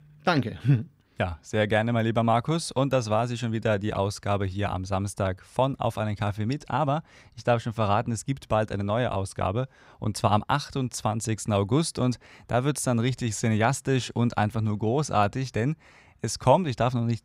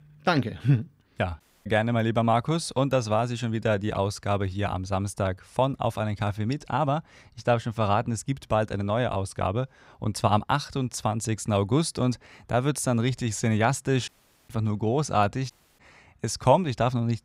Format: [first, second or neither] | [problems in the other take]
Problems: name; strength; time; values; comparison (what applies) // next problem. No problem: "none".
first | audio cutting out; at 1.5 s, at 14 s and at 16 s